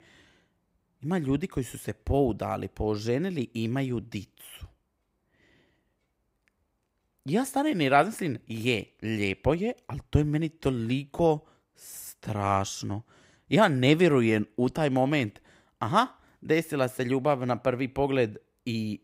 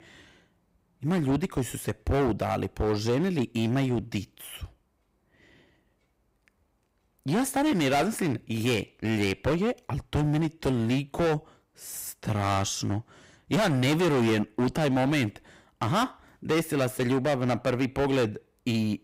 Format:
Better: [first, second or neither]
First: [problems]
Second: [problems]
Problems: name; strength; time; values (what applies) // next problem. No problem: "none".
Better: first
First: none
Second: distortion; heavy; 12% of the sound clipped